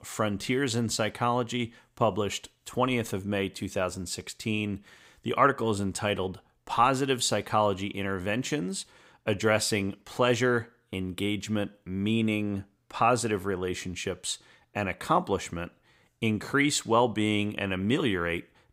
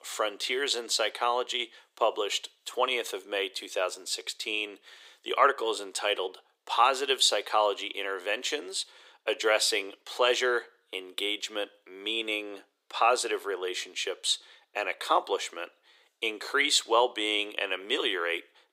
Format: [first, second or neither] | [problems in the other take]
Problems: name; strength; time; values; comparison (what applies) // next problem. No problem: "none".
first | thin; very; fading below 350 Hz